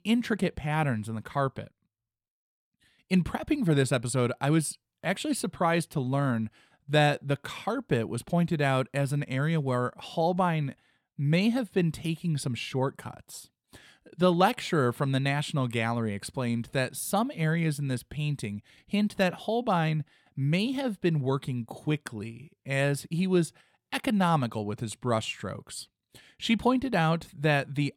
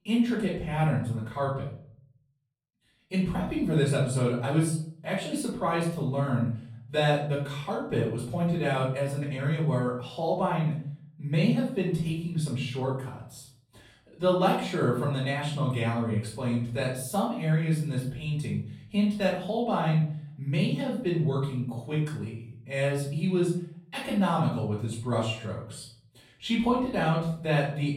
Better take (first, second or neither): first